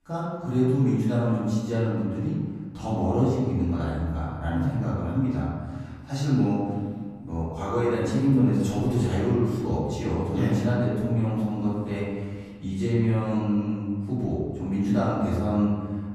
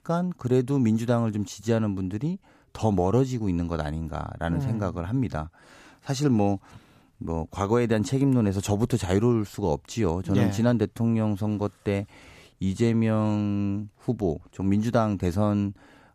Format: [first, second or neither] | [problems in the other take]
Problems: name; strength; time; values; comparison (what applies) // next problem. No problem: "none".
second | room echo; strong; dies away in 1.7 s // off-mic speech; far